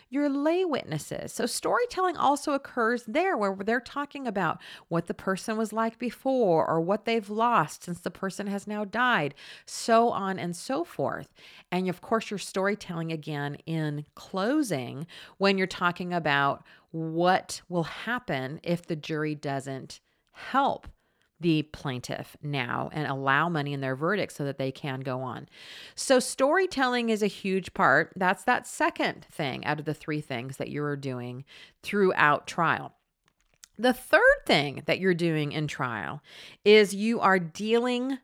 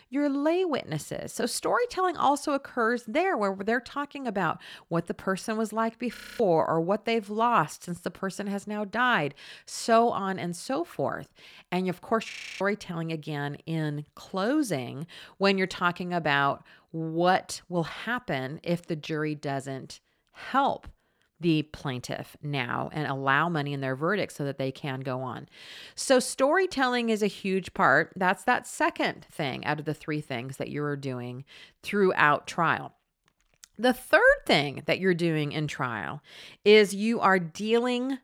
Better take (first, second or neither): first